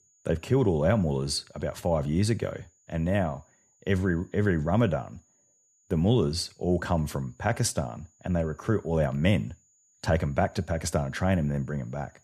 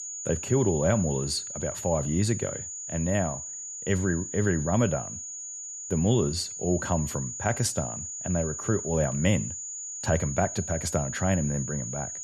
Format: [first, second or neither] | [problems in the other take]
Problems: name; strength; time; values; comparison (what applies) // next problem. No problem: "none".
first | high-pitched whine; loud; throughout; 7 kHz, 6 dB below the speech; faint in the first